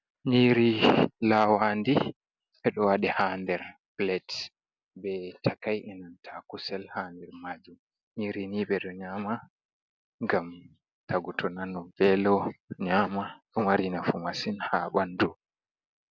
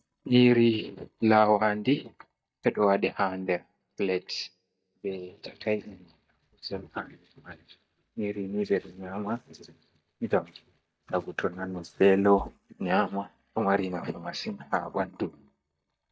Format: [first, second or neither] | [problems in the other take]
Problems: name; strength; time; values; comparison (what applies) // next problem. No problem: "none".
first | noise reduction (neural mask model DeepFilterNet 3)